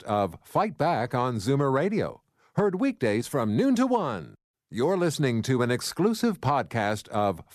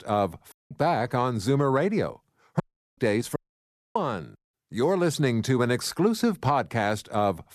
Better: first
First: none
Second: audio cutting out; at 0.5 s, at 2.5 s and at 3.5 s for 0.5 s

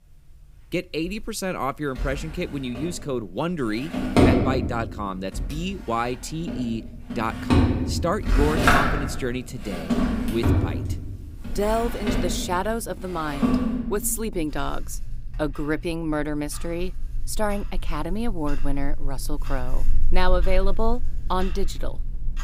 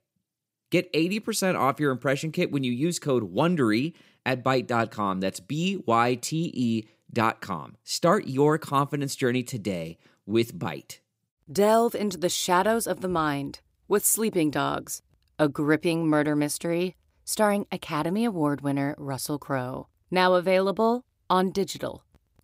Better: second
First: household noises; very loud; throughout; 2 dB above the speech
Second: none

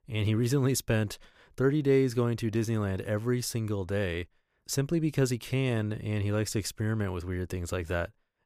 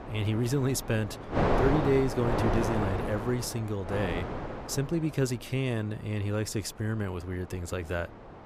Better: first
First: none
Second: wind noise on the microphone; heavy; 1 dB above the speech

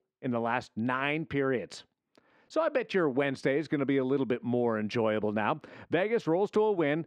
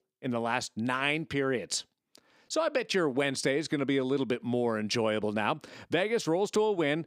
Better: second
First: muffled; slightly; fading above 3.5 kHz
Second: none

